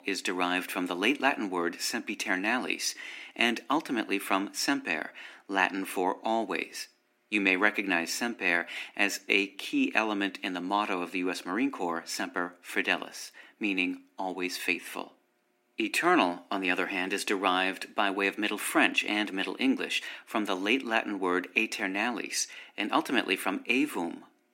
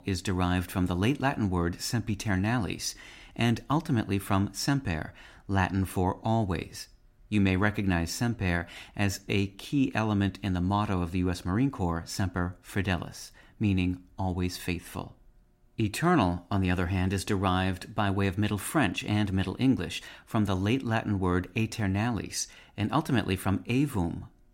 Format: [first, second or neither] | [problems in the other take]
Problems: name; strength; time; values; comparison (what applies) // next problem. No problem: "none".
second | thin; somewhat; fading below 250 Hz